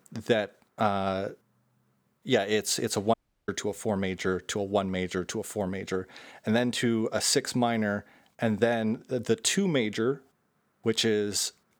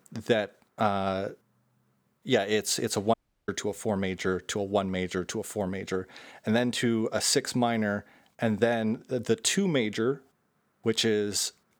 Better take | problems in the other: neither | audio cutting out; at 3 s; the same in both

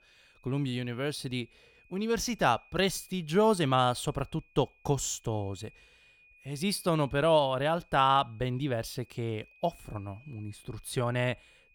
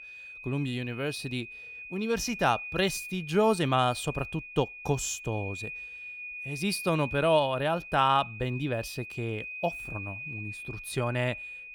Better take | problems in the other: first | high-pitched whine; loud; throughout; 2.5 kHz, 10 dB below the speech; faint in the first

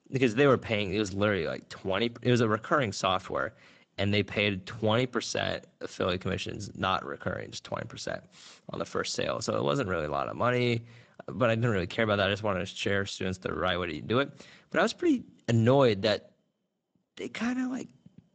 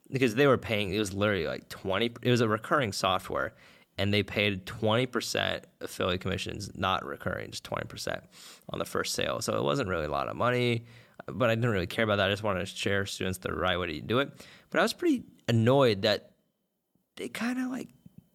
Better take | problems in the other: second | garbled, watery; slightly; nothing above 8 kHz

